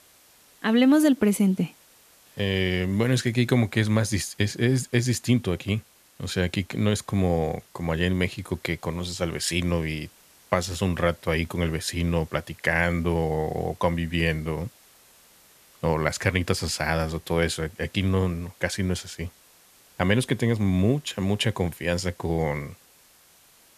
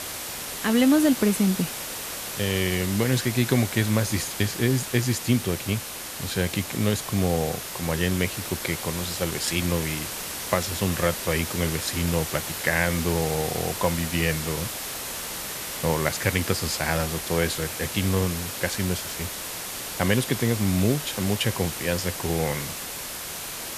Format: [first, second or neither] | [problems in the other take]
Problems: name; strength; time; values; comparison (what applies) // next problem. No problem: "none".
first | hiss; loud; throughout; 5 dB below the speech; faint in the first